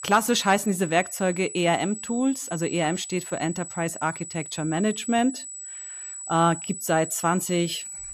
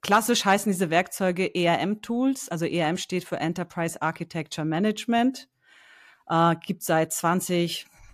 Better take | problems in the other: second | high-pitched whine; loud; throughout; 8 kHz, 10 dB below the speech

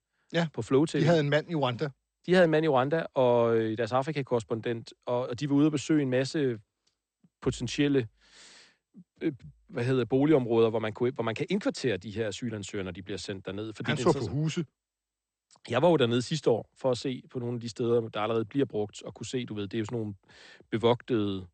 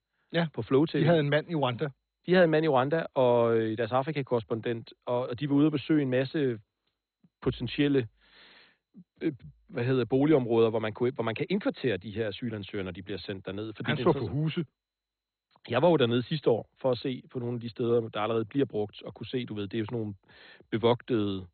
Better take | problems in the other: first | garbled, watery; badly; nothing above 4 kHz; slightly in the first

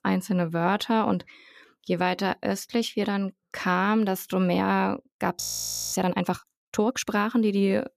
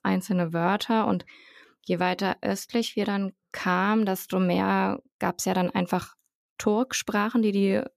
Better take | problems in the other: second | audio freezing; at 5.5 s for 0.5 s

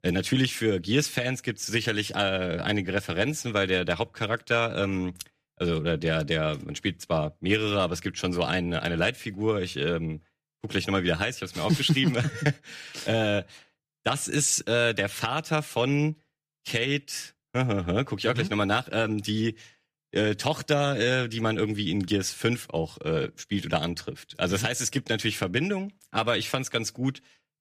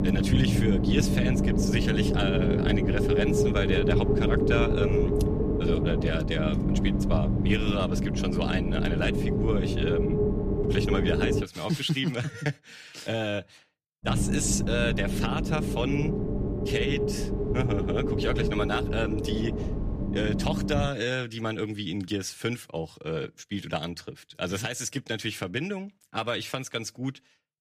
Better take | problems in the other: first | low rumble; loud; until 11 s and from 14 to 21 s; as loud as the speech

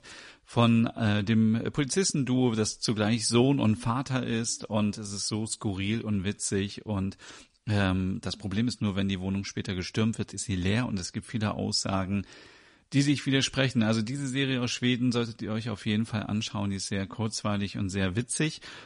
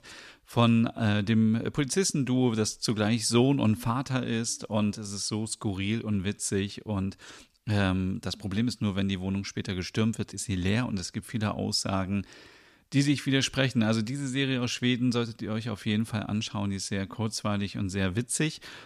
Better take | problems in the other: second | garbled, watery; slightly; nothing above 10.5 kHz

